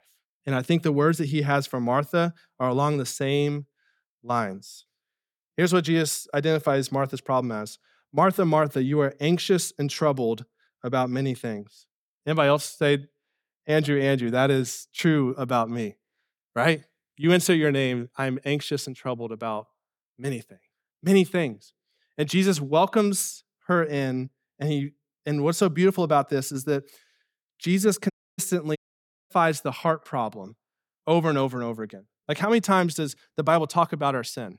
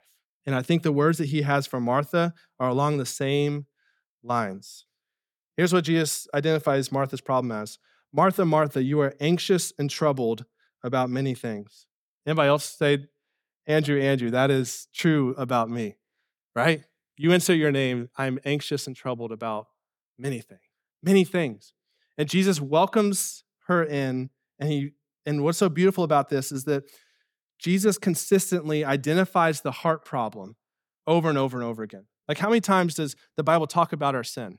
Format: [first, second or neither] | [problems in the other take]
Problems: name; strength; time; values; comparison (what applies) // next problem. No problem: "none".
second | audio cutting out; at 28 s and at 29 s for 0.5 s